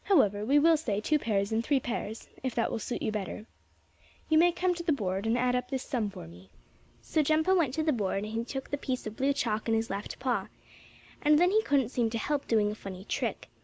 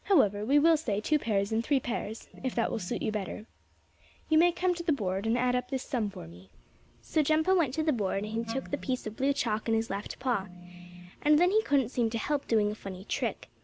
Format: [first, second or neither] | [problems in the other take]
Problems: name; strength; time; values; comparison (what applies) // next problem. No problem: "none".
first | background sound (Organ + Wind instrument, woodwind instrument); 14 dB below the speech